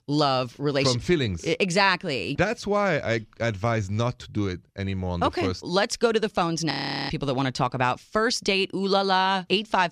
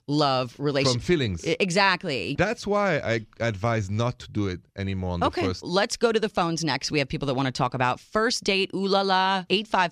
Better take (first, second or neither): second